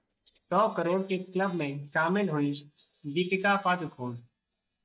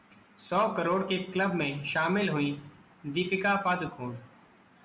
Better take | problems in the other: second | noise reduction (neural mask model DeepFilterNet 3)

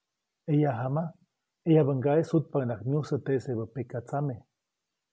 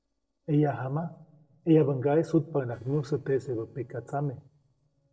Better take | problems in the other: first | noise reduction (neural separator model SepFormer DNS4)

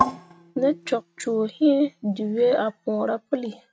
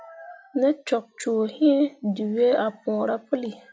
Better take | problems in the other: second | noise reduction (neural mask model RNNoise)

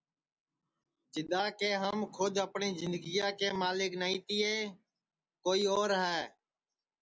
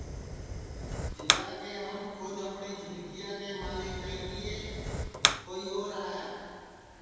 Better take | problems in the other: first | background sound (Fire); 4 dB above the speech // room echo; dies away in 2.1 s

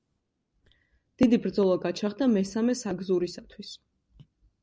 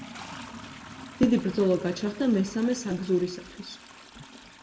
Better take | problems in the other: first | background sound (Toilet flush); 16 dB below the speech // room echo; dies away in 0.8 s

